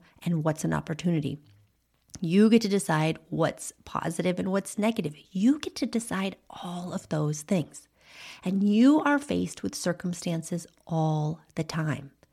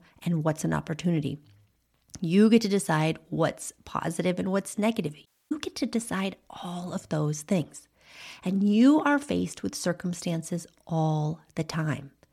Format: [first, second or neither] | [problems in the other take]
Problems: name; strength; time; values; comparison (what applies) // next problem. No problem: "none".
first | audio cutting out; at 5.5 s